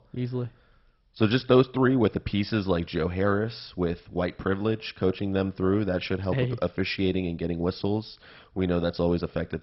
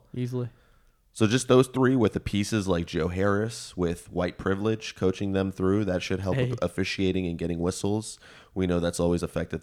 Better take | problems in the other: second | garbled, watery; badly; nothing above 5.5 kHz

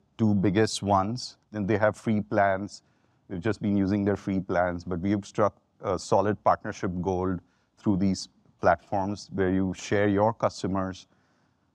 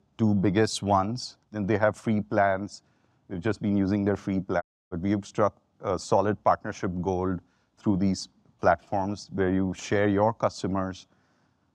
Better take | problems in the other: first | audio cutting out; at 4.5 s

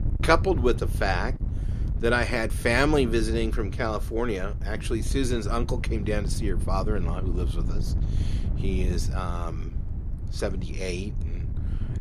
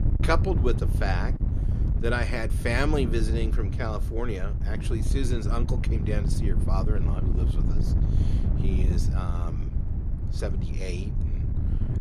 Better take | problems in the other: first | wind noise on the microphone; heavy; 8 dB below the speech; occasional gusts in the first

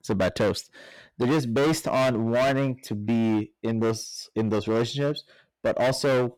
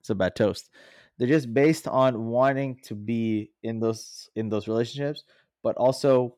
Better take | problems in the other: second | distortion; heavy; 17% of the sound clipped

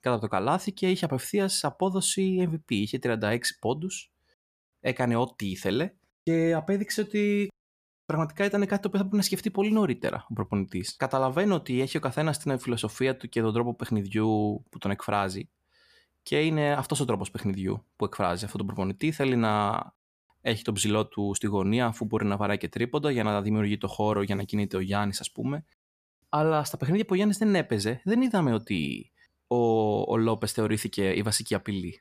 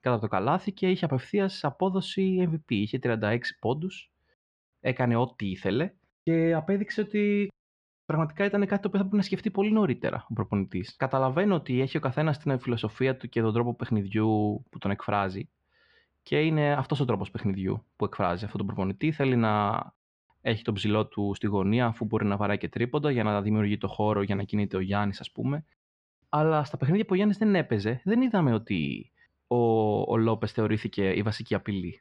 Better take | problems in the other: first | muffled; slightly; fading above 3.5 kHz

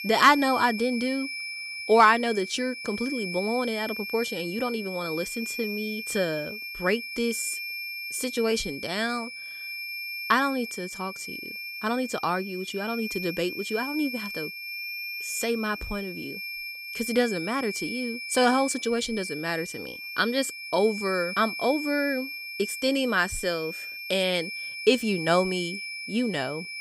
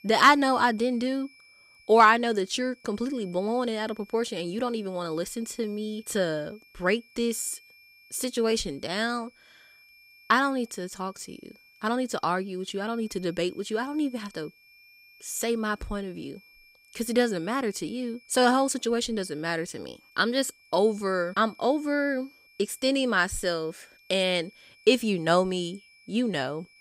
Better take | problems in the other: second | high-pitched whine; loud; throughout; 2.5 kHz, 7 dB below the speech; faint in the second

